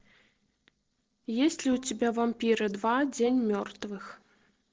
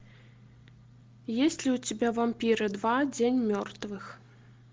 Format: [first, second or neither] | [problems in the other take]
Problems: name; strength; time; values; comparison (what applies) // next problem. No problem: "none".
second | noise reduction (neural separator model SepFormer DNS4)